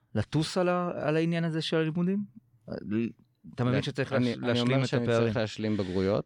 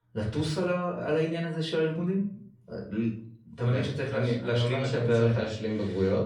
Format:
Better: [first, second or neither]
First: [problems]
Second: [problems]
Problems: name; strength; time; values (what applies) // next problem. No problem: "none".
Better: first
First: none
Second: off-mic speech; far // room echo; slight; dies away in 0.4 s